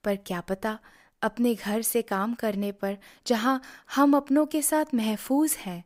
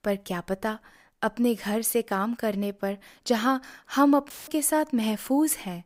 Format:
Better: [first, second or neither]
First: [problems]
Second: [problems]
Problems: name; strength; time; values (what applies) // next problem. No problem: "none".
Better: first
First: none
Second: audio cutting out; filled with static; at 4.5 s